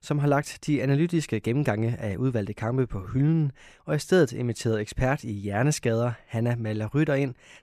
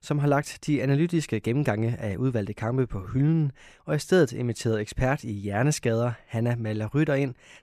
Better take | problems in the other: neither | none

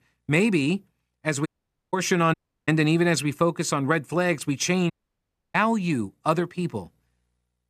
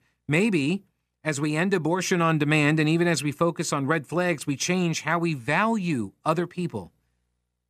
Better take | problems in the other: second | audio cutting out; at 1.5 s, at 2.5 s and at 5 s for 0.5 s

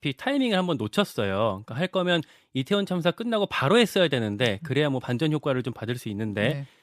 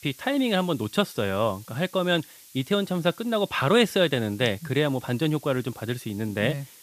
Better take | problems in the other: first | hiss; faint; throughout; 20 dB below the speech

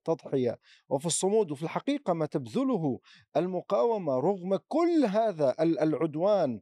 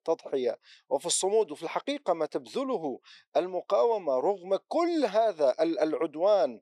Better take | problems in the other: first | thin; somewhat; fading below 450 Hz

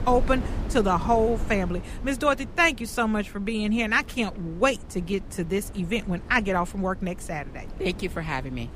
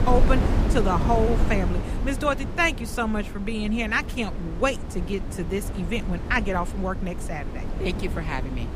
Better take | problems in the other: first | wind noise on the microphone; heavy; 9 dB below the speech; occasional gusts in the first

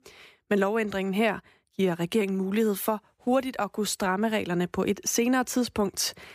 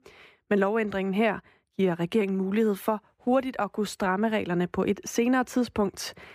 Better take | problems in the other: first | muffled; slightly; fading above 3.5 kHz

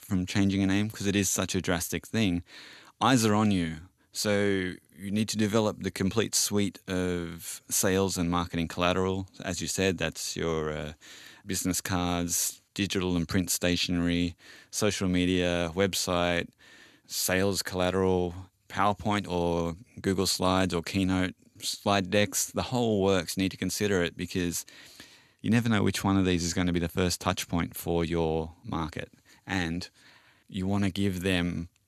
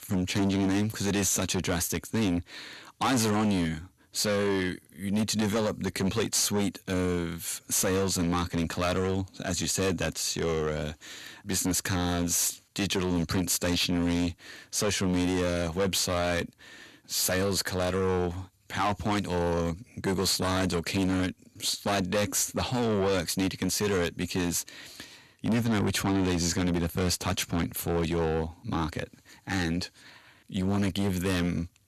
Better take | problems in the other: first | distortion; heavy; 7 dB below the speech

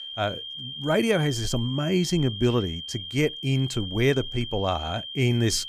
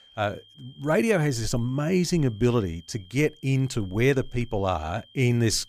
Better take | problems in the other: second | high-pitched whine; loud; throughout; 3 kHz, 8 dB below the speech; faint in the second

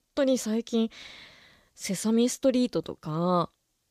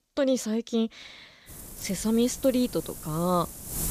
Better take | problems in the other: first | wind noise on the microphone; occasional gusts; from 1.5 s on; 15 dB below the speech

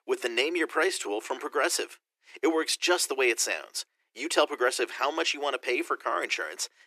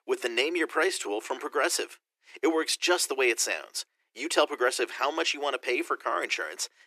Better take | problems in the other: neither | thin; very; fading below 350 Hz; the same in both

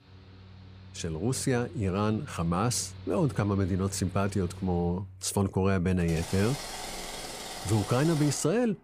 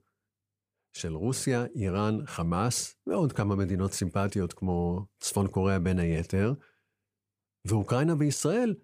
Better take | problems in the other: second | machinery noise; noticeable; throughout; 15 dB below the speech

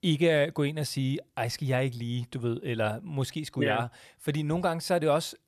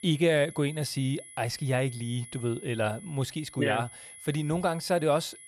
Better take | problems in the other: first | high-pitched whine; noticeable; throughout; 10.5 kHz, 15 dB below the speech

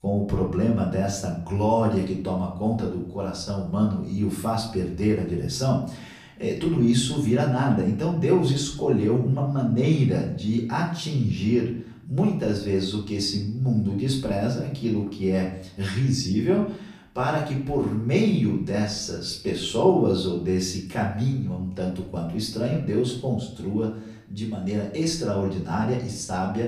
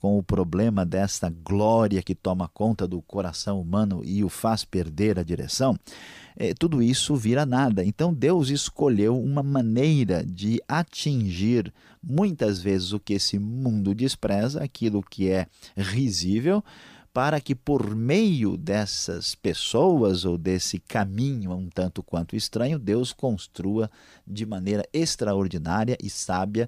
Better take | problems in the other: second | off-mic speech; far // room echo; slight; dies away in 0.5 s

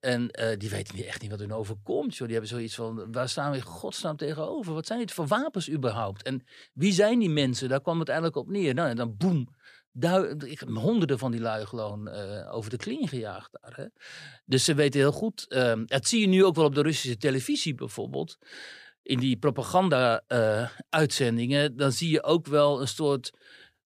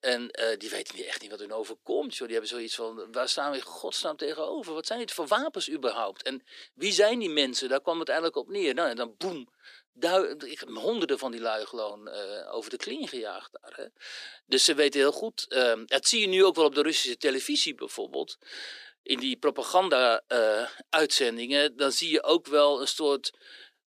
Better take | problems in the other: first | thin; somewhat; fading below 300 Hz

